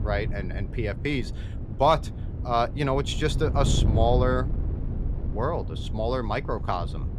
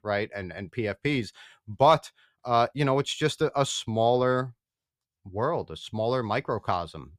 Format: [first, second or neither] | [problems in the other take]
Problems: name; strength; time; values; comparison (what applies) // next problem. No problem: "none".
second | wind noise on the microphone; occasional gusts; 15 dB below the speech